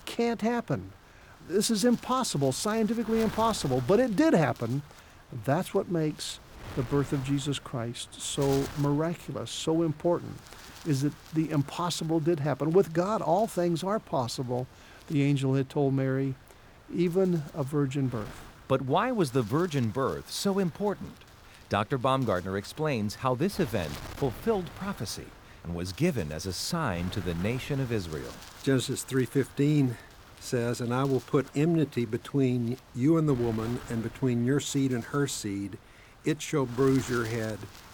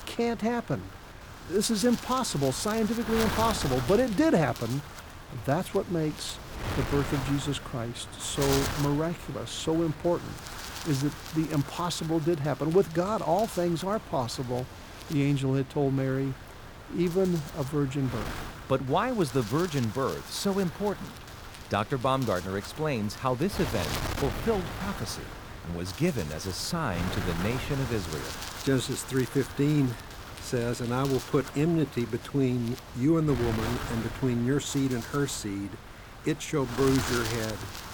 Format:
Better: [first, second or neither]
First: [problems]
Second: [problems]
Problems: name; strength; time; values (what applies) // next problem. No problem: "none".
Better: first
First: wind noise on the microphone; occasional gusts; 15 dB below the speech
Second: wind noise on the microphone; heavy; 8 dB below the speech